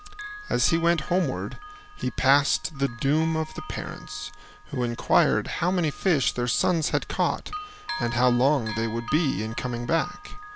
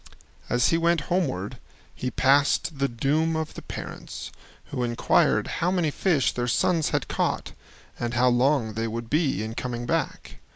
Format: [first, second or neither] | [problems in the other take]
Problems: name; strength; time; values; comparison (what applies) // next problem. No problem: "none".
second | background sound (Bell); 15 dB below the speech